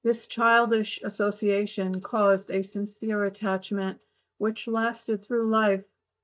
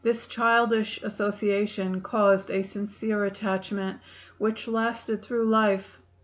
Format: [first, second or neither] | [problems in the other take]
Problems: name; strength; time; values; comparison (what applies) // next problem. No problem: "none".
second | noise reduction (neural mask model DeepFilterNet 3)